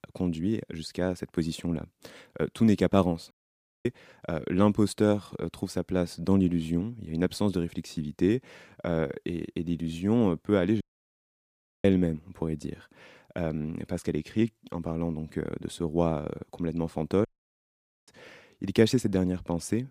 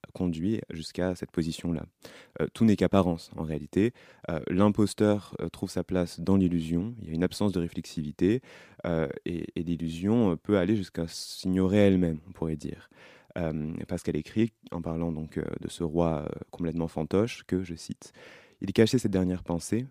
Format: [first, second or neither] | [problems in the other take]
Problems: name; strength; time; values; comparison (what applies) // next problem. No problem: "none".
second | audio cutting out; at 3.5 s for 0.5 s, at 11 s for 1 s and at 17 s for 1 s